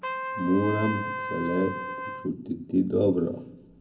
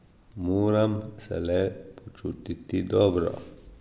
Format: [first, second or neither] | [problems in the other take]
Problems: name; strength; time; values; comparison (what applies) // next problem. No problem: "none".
second | background sound (Trumpet); 7 dB below the speech // room echo; dies away in 0.4 s